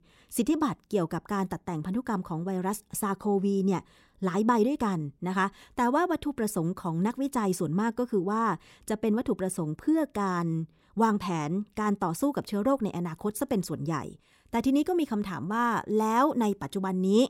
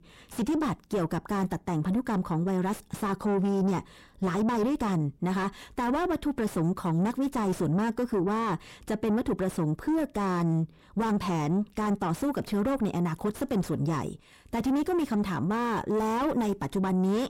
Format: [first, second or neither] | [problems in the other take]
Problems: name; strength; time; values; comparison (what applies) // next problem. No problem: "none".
first | distortion; heavy; 7 dB below the speech